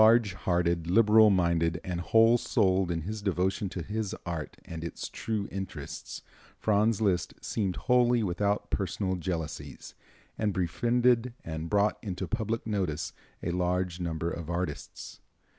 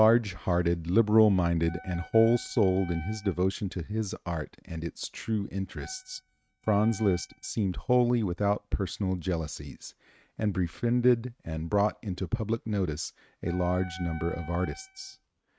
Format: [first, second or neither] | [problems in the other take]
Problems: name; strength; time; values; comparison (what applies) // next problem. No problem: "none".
first | noise reduction (neural mask model RNNoise)